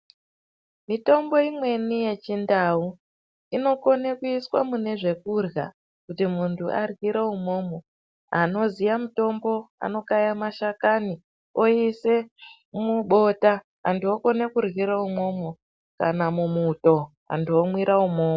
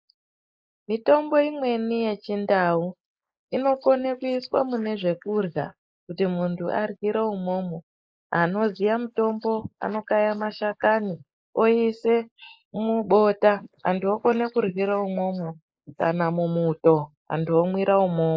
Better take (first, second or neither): first